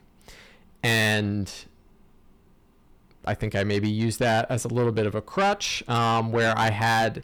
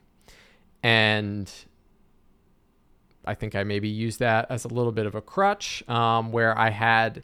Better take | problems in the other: second | distortion; heavy; 7 dB below the speech

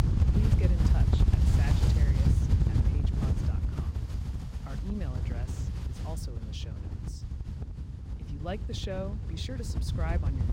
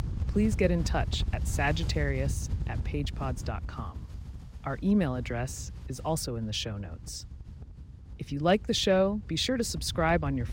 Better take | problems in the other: second | wind noise on the microphone; heavy; 1 dB above the speech; occasional gusts in the second

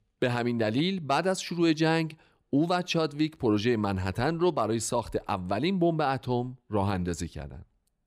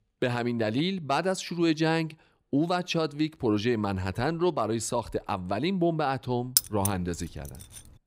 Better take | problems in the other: first | jangling keys; loud; at 6.5 s; peak 4 dB above the speech

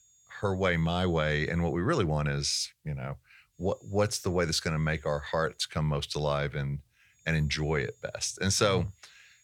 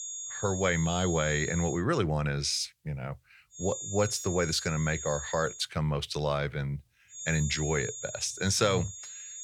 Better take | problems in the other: first | high-pitched whine; loud; until 2 s, from 3.5 to 5.5 s and from 7 s on; 6.5 kHz, 8 dB below the speech; faint in the first

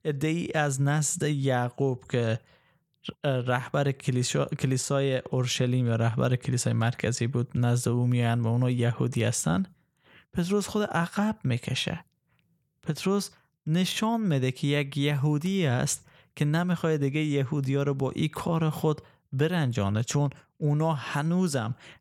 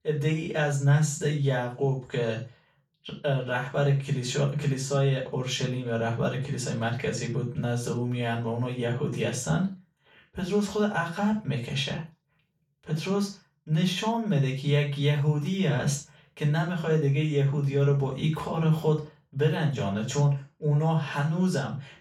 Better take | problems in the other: first | room echo; noticeable; dies away in 0.3 s // off-mic speech; far

